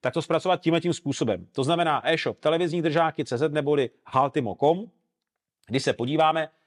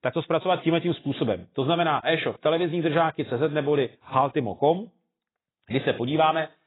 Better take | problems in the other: first | garbled, watery; badly; nothing above 4 kHz

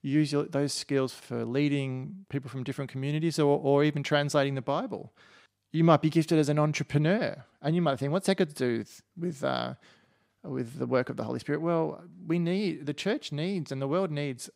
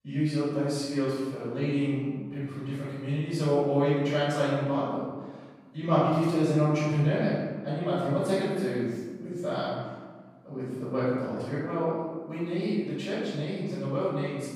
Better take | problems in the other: first | off-mic speech; far // room echo; strong; dies away in 1.3 s

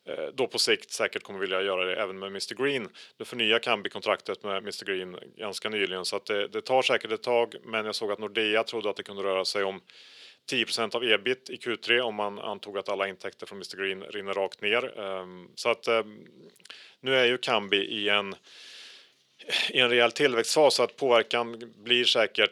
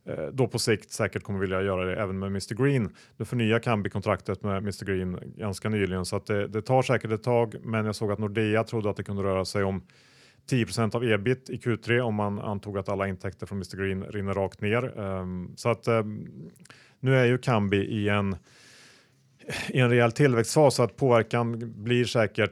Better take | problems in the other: second | thin; somewhat; fading below 400 Hz

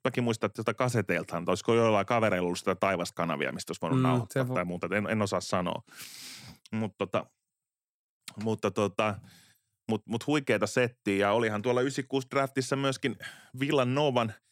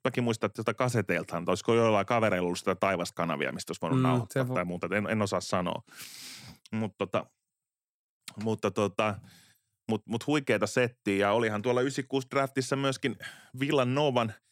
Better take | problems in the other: neither | none

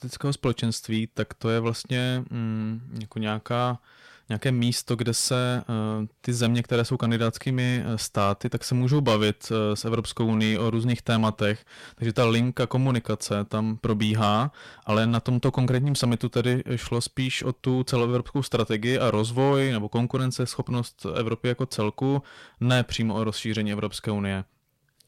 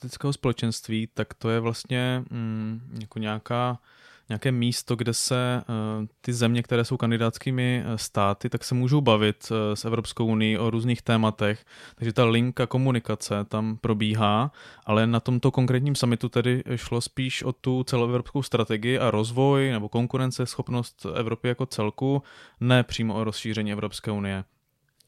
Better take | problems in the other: second | distortion; slight; 5% of the sound clipped

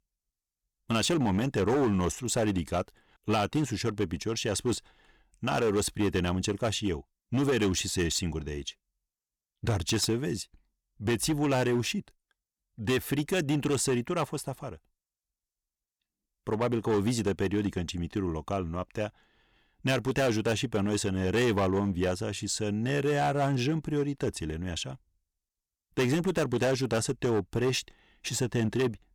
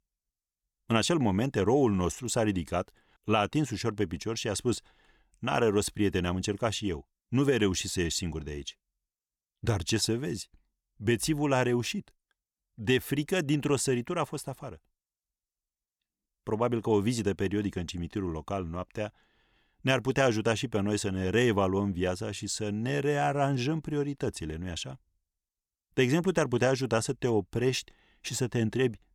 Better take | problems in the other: second | distortion; slight; 7% of the sound clipped

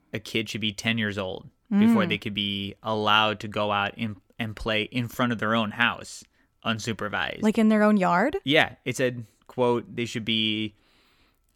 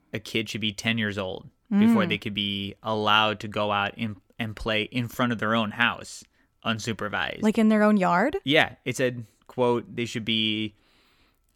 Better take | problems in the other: neither | none

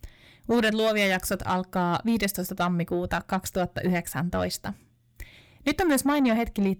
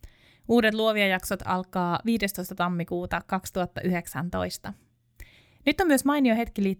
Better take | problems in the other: second | distortion; slight; 10 dB below the speech

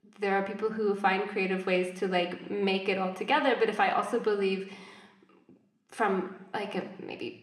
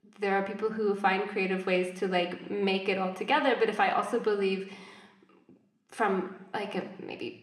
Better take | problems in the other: neither | room echo; very slight; dies away in 0.8 s; the same in both

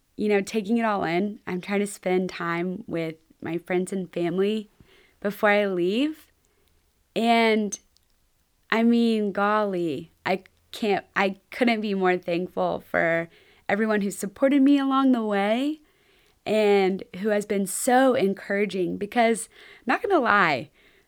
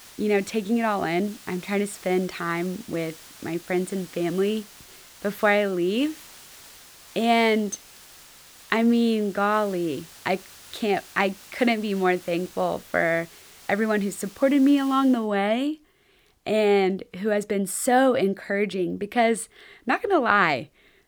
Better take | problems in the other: first | hiss; faint; until 15 s; 20 dB below the speech

